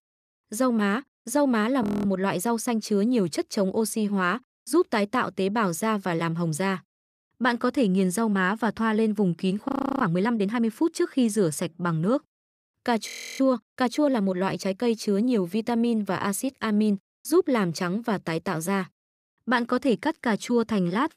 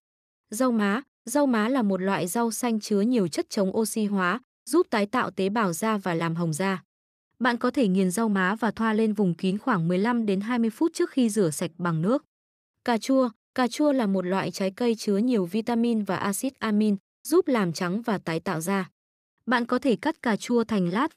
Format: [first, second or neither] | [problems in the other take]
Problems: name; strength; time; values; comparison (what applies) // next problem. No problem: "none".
second | audio freezing; at 2 s, at 9.5 s and at 13 s